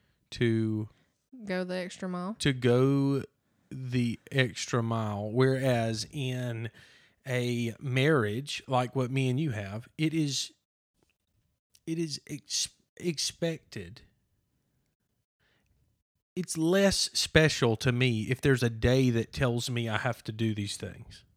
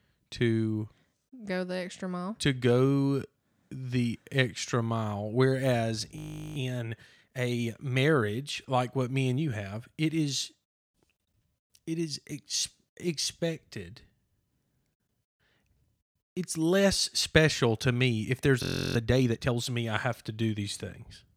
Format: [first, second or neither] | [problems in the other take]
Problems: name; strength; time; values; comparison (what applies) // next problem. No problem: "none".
first | audio freezing; at 6 s and at 19 s